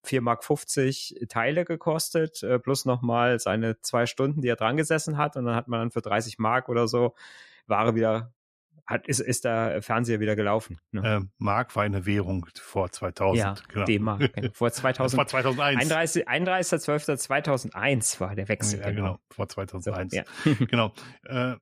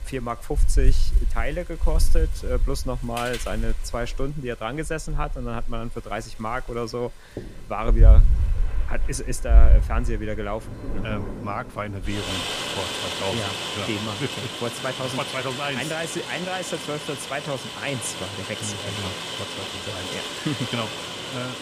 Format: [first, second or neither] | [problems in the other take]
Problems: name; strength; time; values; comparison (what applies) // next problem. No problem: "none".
first | rain or running water; very loud; throughout; 4 dB above the speech